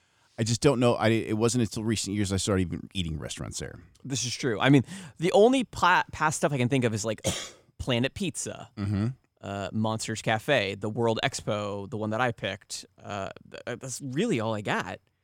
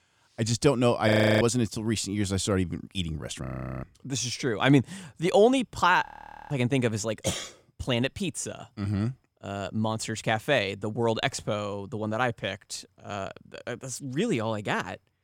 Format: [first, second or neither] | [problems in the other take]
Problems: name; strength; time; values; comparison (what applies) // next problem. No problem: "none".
first | audio freezing; at 1 s, at 3.5 s and at 6 s